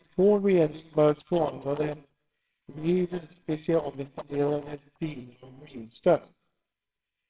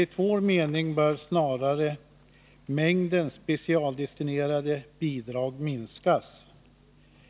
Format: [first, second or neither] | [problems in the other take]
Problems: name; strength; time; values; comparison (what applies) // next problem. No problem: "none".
second | noise reduction (neural separator model SepFormer WHAMR!)